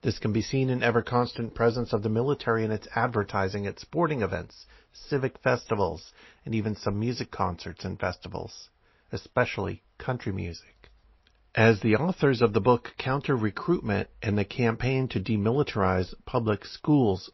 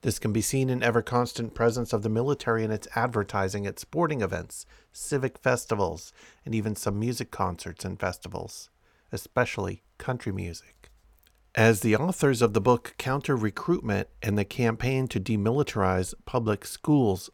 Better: second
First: garbled, watery; slightly; nothing above 5.5 kHz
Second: none

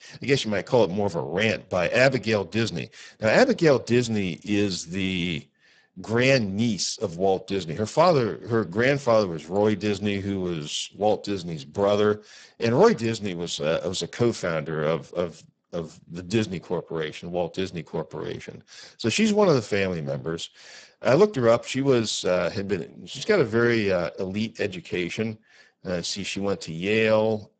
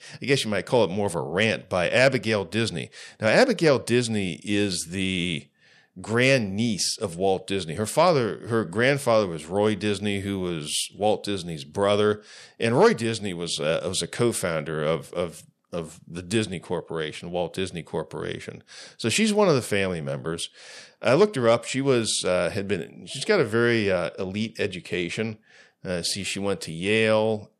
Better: second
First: garbled, watery; badly; nothing above 8 kHz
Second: none

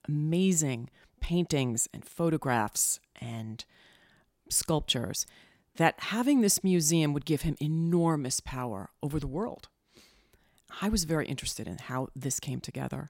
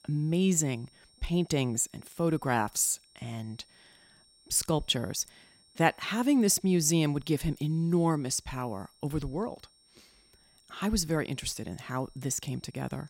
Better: first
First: none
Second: high-pitched whine; faint; throughout; 5.5 kHz, 30 dB below the speech

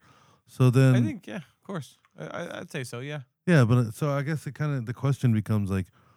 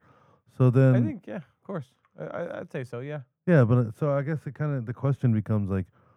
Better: first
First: none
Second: muffled; very; fading above 2.5 kHz

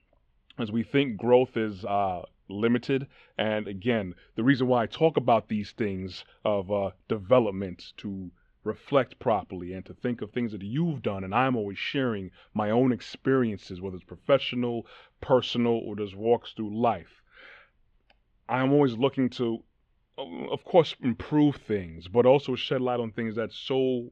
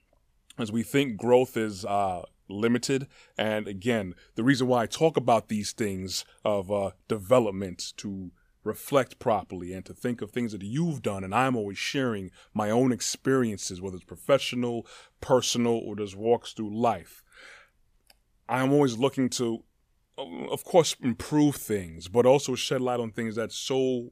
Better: second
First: muffled; slightly; fading above 3 kHz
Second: none

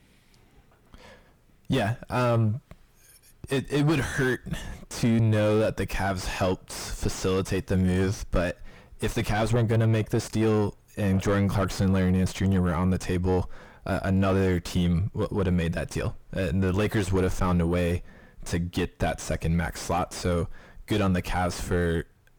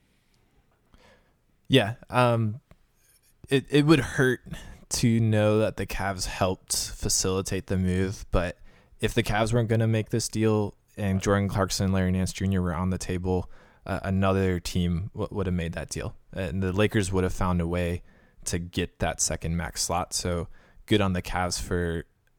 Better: second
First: distortion; heavy; 5 dB below the speech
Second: none

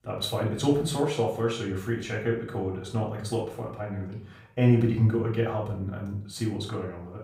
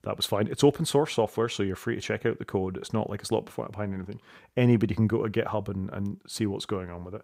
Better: second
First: off-mic speech; far // room echo; noticeable; dies away in 0.4 s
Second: none

